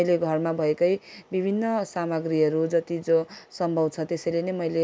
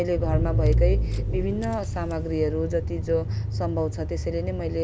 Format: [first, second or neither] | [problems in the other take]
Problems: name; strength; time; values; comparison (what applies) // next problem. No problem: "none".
first | background sound (Engine / Car); 2 dB above the speech